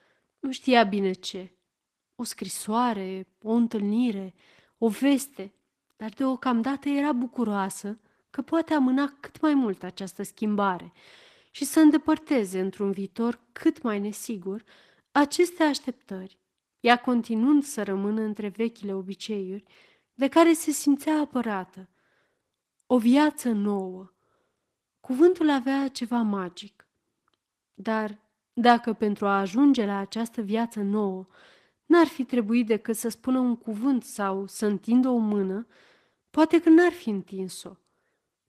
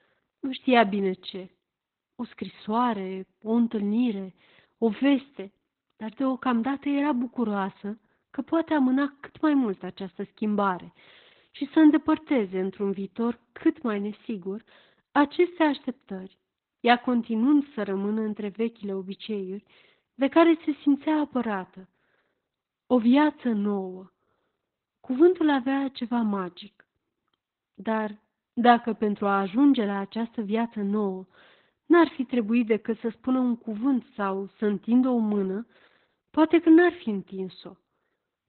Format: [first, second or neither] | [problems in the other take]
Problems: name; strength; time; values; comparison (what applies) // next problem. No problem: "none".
first | garbled, watery; badly; nothing above 4 kHz; slightly in the first